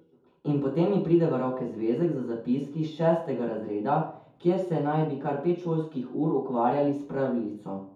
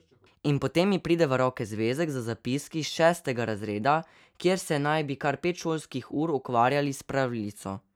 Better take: second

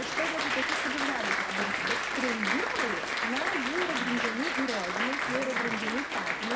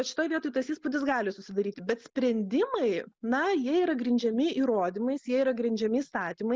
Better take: second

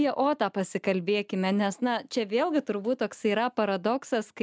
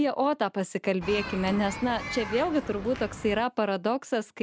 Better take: first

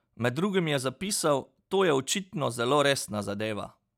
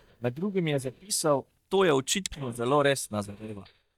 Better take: first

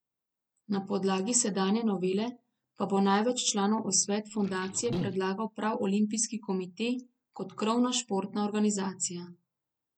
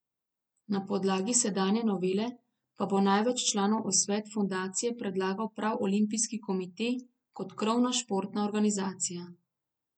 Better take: second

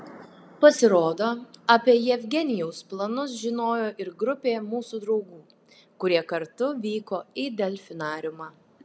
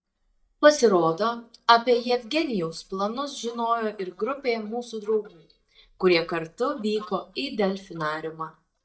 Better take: first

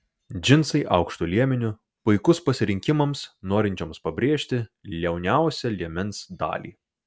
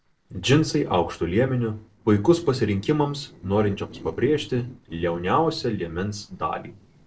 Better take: first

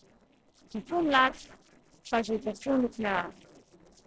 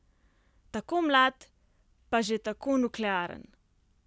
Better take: second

